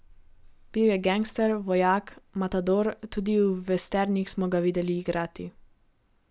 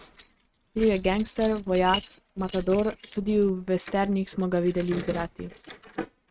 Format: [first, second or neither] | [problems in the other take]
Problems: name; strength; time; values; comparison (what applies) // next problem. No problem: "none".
first | noise reduction (neural mask model RNNoise)